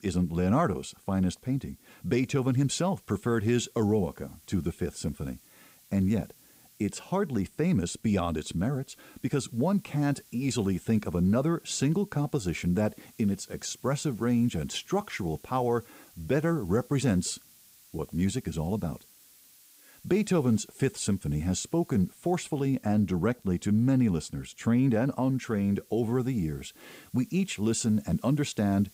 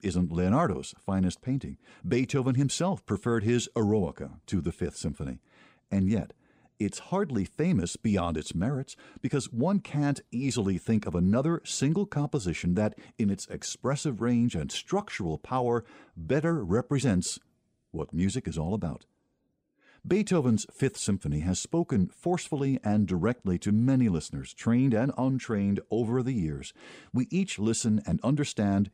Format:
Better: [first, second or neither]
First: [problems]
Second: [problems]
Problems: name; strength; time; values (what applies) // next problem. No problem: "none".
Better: second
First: hiss; faint; throughout; 25 dB below the speech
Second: none